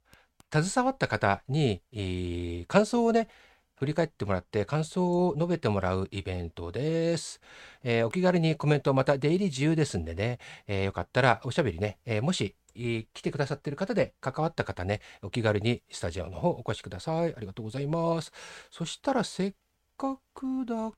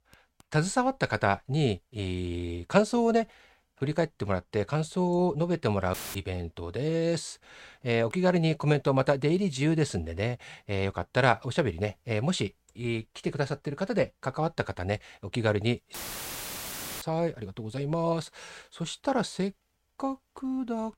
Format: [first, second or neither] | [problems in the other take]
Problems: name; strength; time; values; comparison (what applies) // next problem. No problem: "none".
first | audio cutting out; filled with static; at 6 s and at 16 s for 1 s